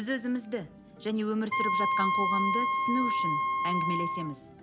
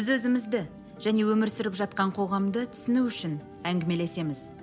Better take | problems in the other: second | background sound (Wind instrument, woodwind instrument); 3 dB above the speech

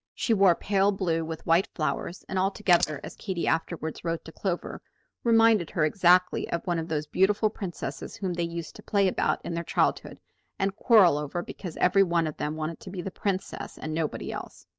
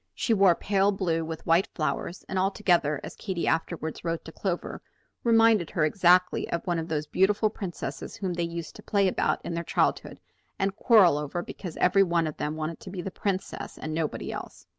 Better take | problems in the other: second | noise reduction (neural mask model DeepFilterNet 3)

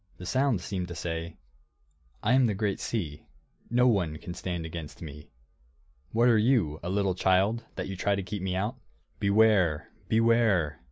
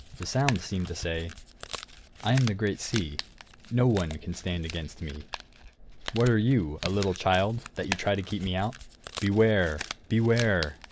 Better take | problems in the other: first | background sound (Crumpling, crinkling); 13 dB below the speech

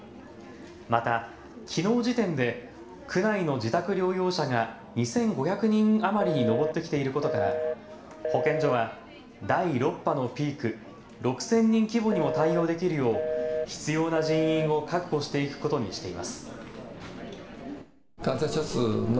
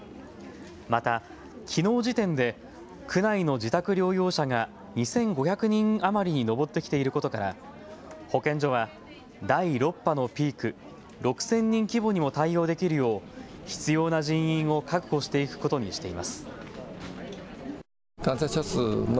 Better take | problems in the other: second | background sound (Telephone); 4 dB below the speech // room echo; dies away in 0.6 s

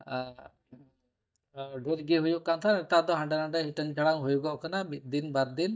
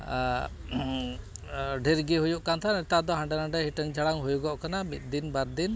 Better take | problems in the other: second | noise reduction (neural mask model DeepFilterNet 3)

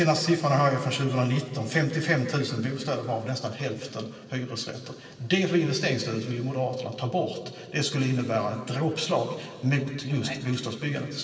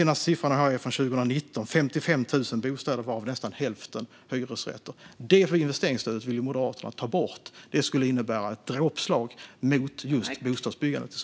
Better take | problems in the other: second | room echo; dies away in 2.1 s

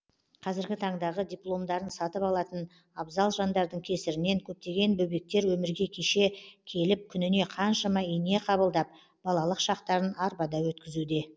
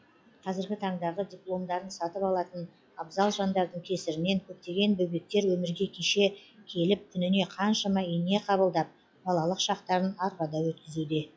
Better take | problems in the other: first | noise reduction (classical method log-MMSE)

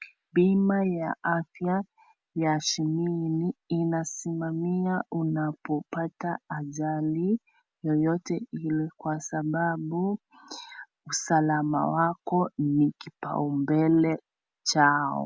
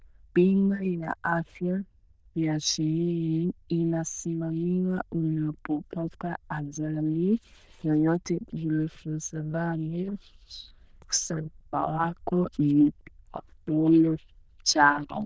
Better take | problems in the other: first | noise reduction (neural diffusion model UNIVERSE++)

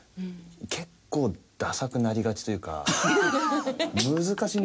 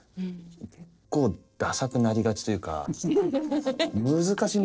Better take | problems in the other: first | noise reduction (neural separator model SepFormer DNS4)

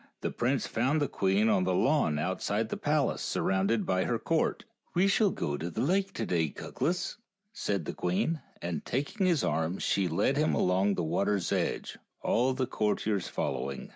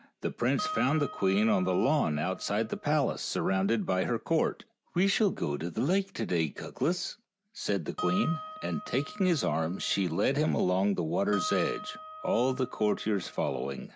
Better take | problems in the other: first | background sound (Harp); 12 dB below the speech

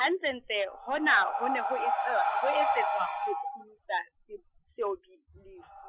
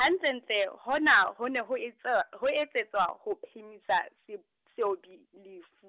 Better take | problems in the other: second | noise reduction (classical method Wiener filter)

